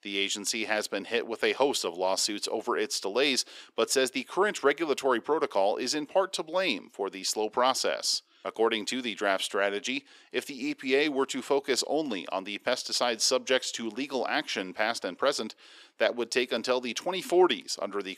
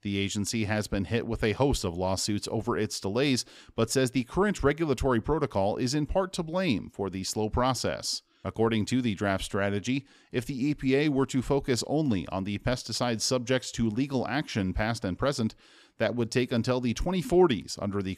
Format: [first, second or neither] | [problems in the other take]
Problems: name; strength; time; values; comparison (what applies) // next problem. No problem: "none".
second | thin; somewhat; fading below 350 Hz